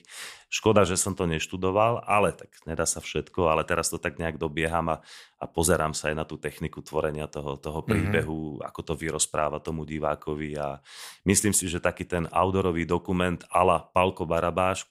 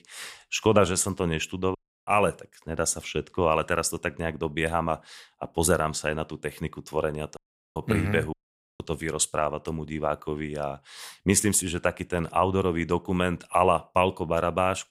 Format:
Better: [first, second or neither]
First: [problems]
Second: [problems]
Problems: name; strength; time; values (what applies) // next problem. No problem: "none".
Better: first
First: none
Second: audio cutting out; at 2 s, at 7.5 s and at 8.5 s